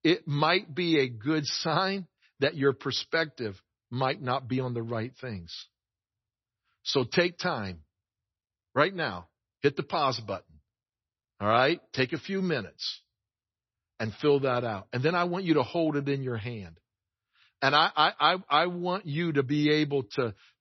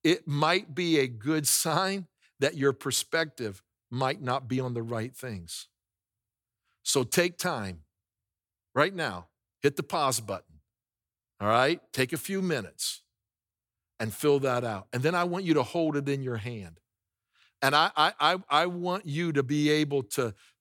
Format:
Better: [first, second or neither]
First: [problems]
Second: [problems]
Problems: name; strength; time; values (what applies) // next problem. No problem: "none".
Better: second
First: garbled, watery; slightly; nothing above 6 kHz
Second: none